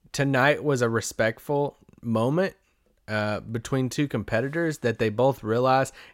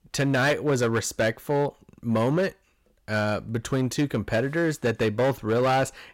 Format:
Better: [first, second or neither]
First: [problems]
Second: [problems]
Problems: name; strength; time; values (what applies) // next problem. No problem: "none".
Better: first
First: none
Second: distortion; slight; 9% of the sound clipped